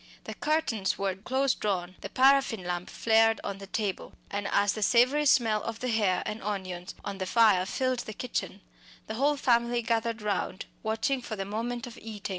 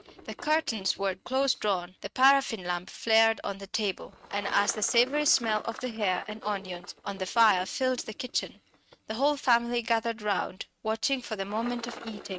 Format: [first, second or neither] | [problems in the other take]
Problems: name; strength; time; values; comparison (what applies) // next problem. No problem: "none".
first | noise reduction (neural mask model RNNoise)